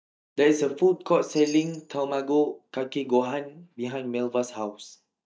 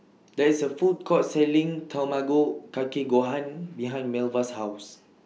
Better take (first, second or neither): second